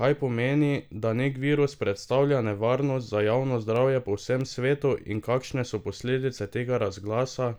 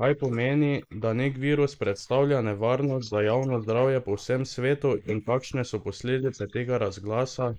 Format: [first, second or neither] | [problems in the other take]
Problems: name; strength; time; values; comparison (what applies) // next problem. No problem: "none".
first | noise reduction (neural mask model Resemble Enhance denoiser)